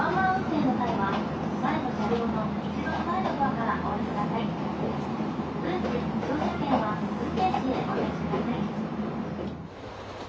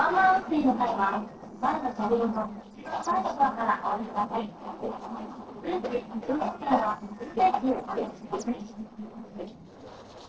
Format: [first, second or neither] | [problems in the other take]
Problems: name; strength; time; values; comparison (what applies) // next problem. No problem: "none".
first | noise reduction (neural separator model SepFormer DNS4)